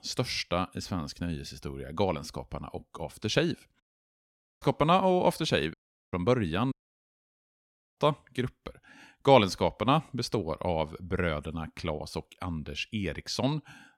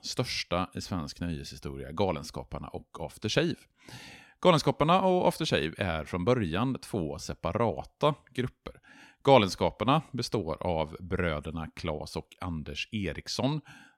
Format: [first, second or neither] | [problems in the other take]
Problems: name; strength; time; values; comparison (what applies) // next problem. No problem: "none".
second | audio cutting out; at 4 s for 1 s, at 5.5 s and at 6.5 s for 1.5 s